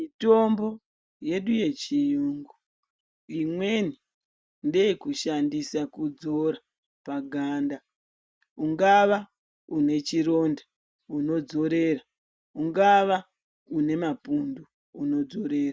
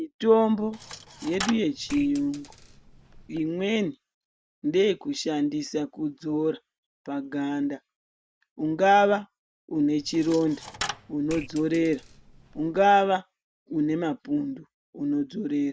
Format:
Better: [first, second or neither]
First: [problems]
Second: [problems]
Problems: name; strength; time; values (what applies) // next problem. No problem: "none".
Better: first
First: none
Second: background sound (Coin (dropping)); 14 dB below the speech